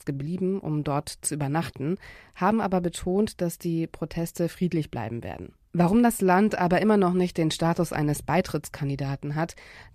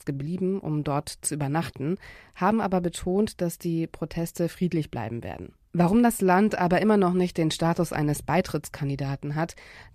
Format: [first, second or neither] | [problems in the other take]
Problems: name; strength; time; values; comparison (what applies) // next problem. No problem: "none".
neither | none